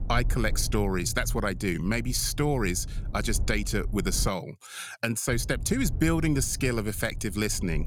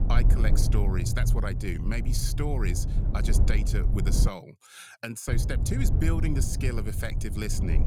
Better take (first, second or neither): first